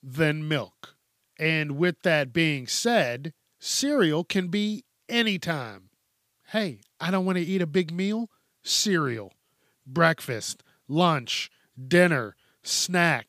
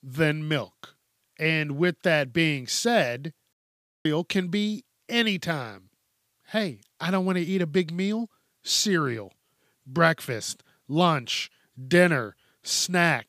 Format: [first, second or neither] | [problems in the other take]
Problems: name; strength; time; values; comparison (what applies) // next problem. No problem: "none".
first | audio cutting out; at 3.5 s for 0.5 s